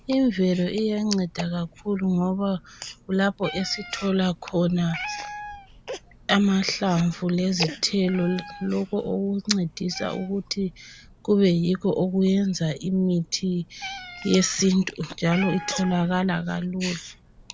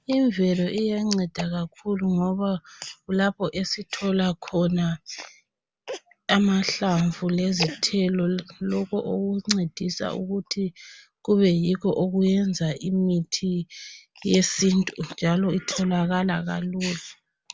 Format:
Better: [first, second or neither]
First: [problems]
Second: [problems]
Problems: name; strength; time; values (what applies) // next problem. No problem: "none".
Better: second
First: background sound (Meow); 18 dB below the speech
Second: none